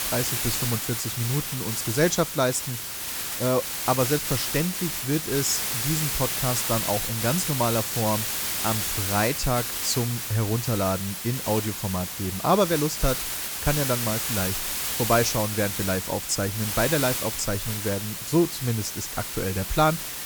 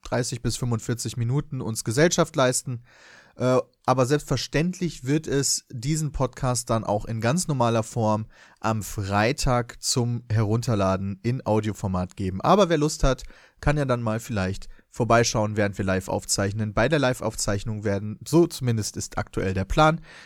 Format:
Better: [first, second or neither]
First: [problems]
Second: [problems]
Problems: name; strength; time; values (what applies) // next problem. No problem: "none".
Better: second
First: hiss; loud; throughout; 1 dB below the speech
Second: none